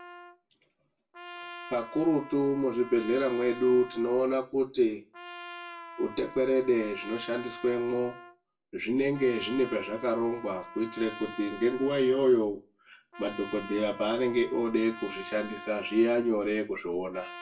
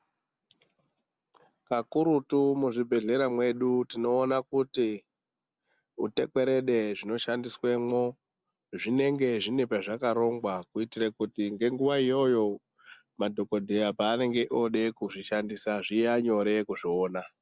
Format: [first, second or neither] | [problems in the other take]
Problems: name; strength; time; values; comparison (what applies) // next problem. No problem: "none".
second | background sound (Trumpet); 16 dB below the speech // room echo; dies away in 0.2 s